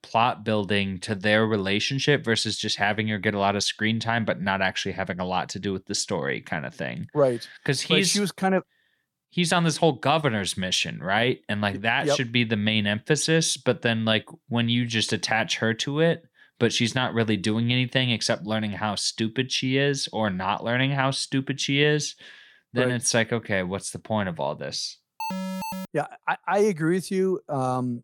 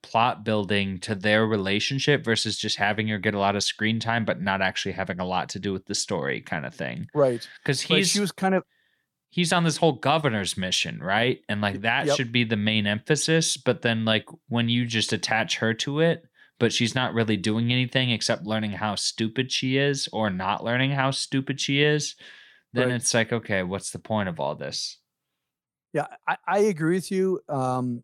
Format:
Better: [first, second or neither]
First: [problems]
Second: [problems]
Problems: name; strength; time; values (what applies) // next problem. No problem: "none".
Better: second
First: alarm; noticeable; at 25 s; peak 6 dB below the speech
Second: none